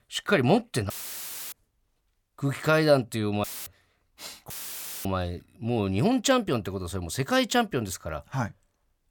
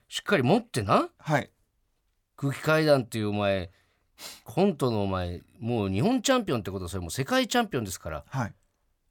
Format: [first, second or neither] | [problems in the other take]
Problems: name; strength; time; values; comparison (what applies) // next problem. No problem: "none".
second | audio cutting out; filled with static; at 1 s for 0.5 s, at 3.5 s and at 4.5 s for 0.5 s